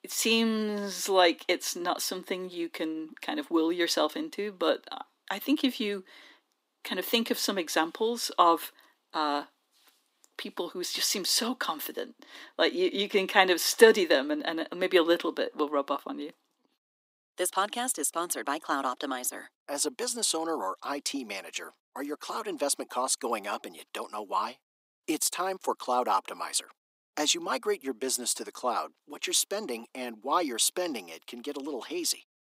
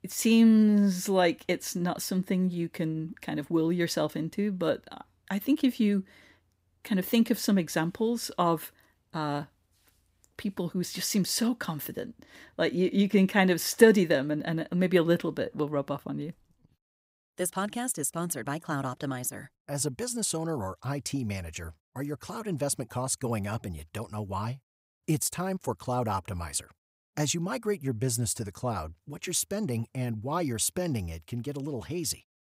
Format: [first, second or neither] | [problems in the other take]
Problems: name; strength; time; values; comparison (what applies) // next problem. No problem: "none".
second | thin; somewhat; fading below 250 Hz